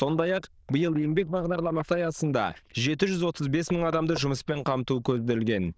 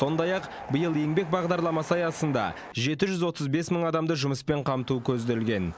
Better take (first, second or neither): second